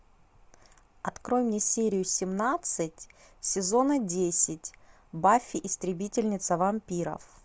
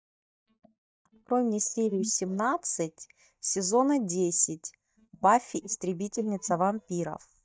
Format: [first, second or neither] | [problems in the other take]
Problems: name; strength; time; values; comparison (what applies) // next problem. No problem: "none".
first | noise reduction (neural mask model DeepFilterNet 3)